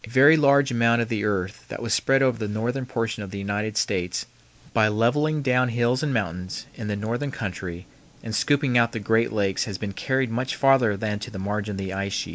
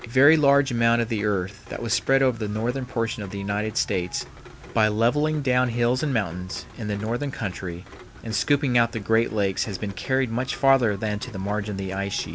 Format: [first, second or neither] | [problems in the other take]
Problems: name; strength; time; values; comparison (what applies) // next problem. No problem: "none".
first | background sound (Rain); 19 dB below the speech